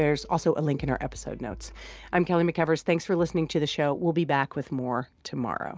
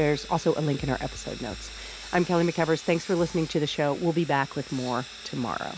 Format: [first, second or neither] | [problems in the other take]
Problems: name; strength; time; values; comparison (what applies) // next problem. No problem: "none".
first | background sound (Sawing); 16 dB below the speech